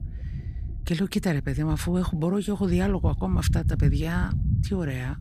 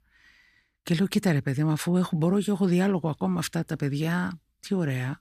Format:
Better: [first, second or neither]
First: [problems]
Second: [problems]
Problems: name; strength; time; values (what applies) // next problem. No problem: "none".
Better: second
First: low rumble; noticeable; throughout; 10 dB below the speech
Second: none